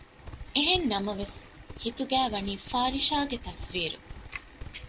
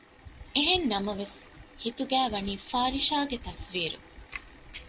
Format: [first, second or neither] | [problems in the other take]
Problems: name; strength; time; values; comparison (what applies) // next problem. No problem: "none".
second | background sound (Livestock, farm animals, working animals); 15 dB below the speech